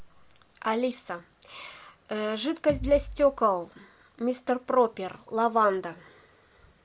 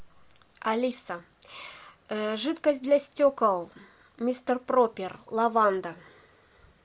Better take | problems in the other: second | background sound (Bass drum); 11 dB below the speech

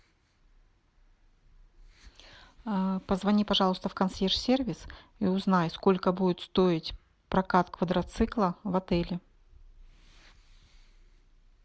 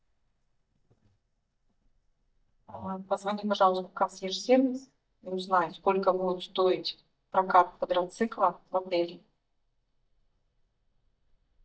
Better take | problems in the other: first | noise reduction (neural mask model DeepFilterNet 3)

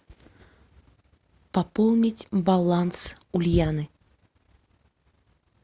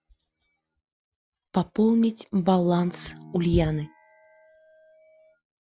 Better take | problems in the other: first | noise reduction (classical method Wiener filter)

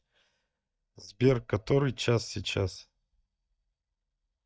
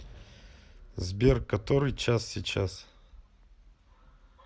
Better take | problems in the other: second | noise reduction (neural mask model DeepFilterNet 3)

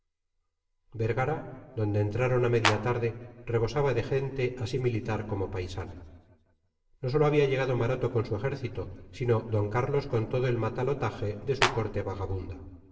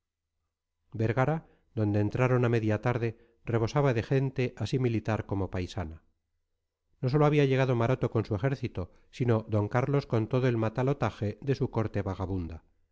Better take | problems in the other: second | background sound (Clapping); 1 dB below the speech // room echo; dies away in 1.3 s

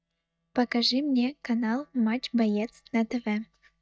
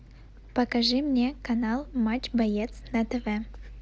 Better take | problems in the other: second | noise reduction (neural mask model DeepFilterNet 3)

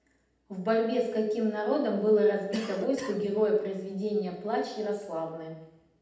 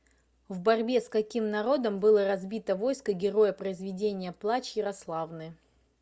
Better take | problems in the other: second | background sound (Cough); 13 dB below the speech // room echo; dies away in 0.8 s

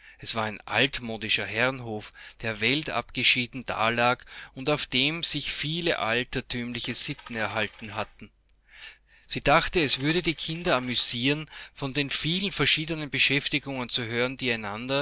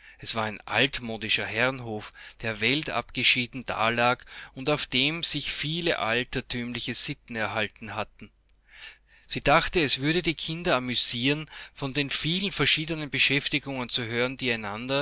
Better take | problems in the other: second | noise reduction (neural separator model SepFormer DNS4)

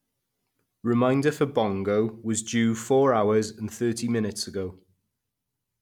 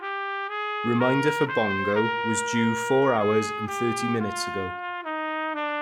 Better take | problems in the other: first | background sound (Trumpet); 2 dB below the speech

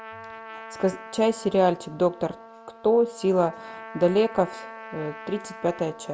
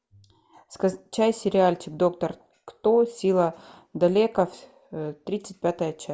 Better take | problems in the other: second | background sound (Trumpet); 16 dB below the speech

